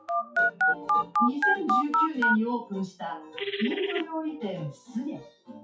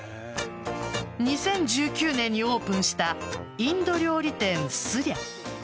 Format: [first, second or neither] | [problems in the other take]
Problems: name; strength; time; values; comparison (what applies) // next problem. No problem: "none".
second | noise reduction (classical method WPE with log-MMSE)